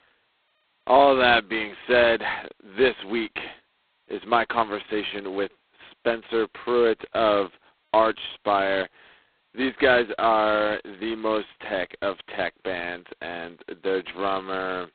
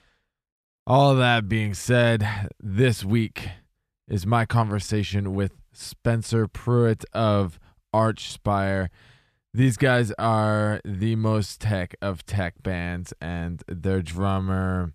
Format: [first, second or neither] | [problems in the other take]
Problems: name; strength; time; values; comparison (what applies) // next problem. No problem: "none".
second | phone-call audio; poor line; nothing above 4 kHz